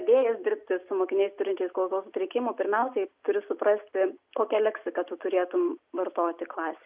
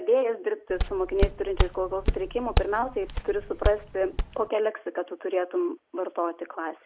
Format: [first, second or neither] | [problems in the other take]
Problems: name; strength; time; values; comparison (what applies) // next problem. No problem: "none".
first | background sound (Walk, footsteps); as loud as the speech